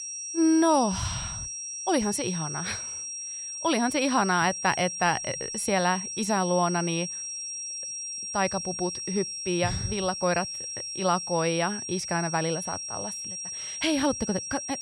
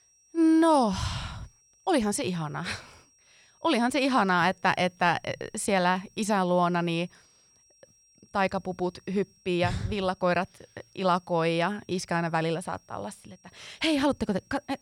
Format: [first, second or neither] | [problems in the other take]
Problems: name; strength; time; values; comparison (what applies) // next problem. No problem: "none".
second | high-pitched whine; loud; throughout; 5.5 kHz, 5 dB below the speech; faint in the second